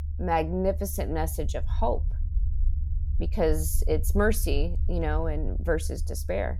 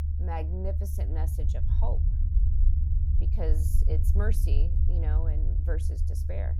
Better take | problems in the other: first | low rumble; loud; throughout; 4 dB below the speech; faint in the first

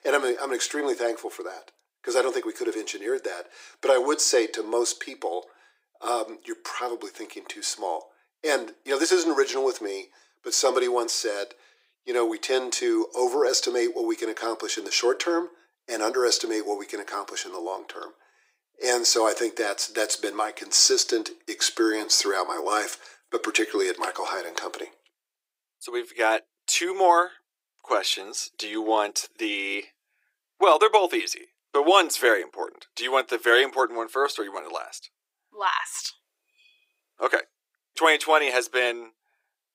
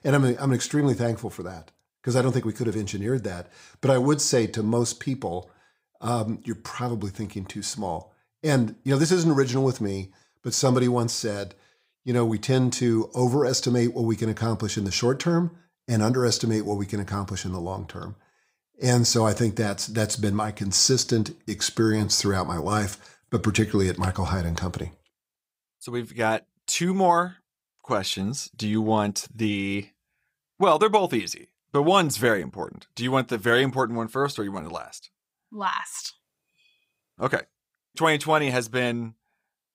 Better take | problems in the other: second | thin; very; fading below 350 Hz

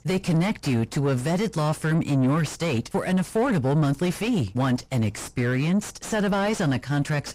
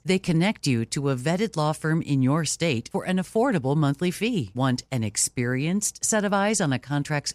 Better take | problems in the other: second | distortion; heavy; 6 dB below the speech

